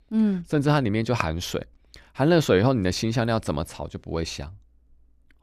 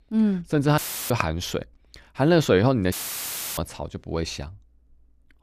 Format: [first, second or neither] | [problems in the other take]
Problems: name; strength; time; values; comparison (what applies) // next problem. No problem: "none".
first | audio cutting out; filled with static; at 1 s and at 3 s for 0.5 s